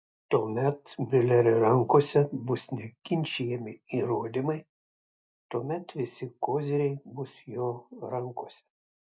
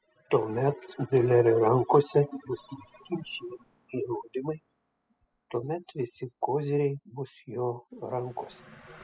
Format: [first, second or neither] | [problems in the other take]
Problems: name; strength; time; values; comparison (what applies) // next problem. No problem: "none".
first | noise reduction (classical method spectral subtraction)